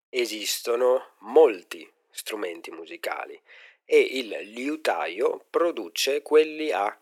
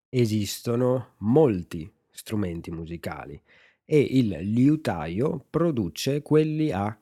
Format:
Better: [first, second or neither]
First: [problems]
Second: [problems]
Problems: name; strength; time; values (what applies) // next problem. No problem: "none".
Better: second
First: thin; very; fading below 400 Hz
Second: none